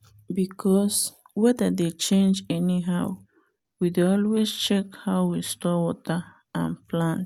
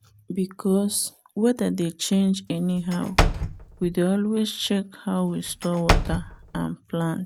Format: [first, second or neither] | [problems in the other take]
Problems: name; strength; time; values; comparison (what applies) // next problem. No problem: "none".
first | background sound (Slam / Wood); 2 dB below the speech